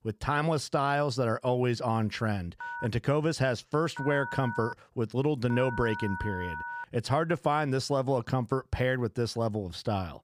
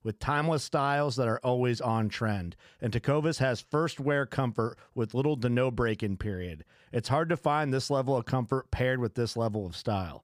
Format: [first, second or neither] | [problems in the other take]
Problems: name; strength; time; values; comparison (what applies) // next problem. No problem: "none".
second | phone ringing; noticeable; from 2.5 to 7 s; peak 7 dB below the speech